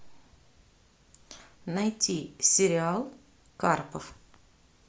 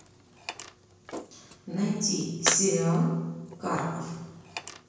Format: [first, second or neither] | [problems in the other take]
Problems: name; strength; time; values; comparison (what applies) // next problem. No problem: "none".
first | background sound (Tools); 9 dB below the speech // room echo; dies away in 1 s